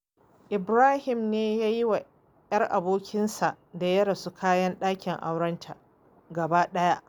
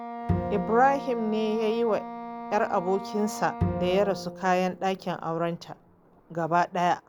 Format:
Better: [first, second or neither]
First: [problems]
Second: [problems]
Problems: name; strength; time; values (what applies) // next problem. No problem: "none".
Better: first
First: none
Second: background sound (Wind instrument, woodwind instrument + Bowed string instrument); 8 dB below the speech